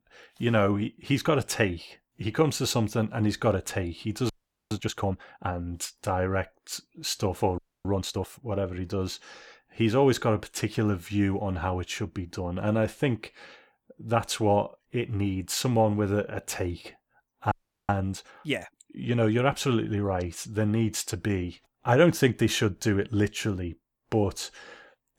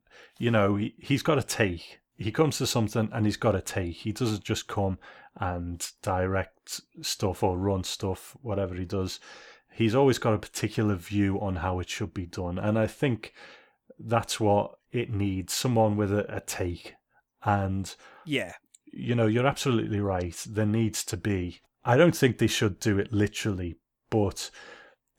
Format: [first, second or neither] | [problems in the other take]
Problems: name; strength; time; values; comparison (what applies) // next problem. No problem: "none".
second | audio freezing; at 4.5 s, at 7.5 s and at 18 s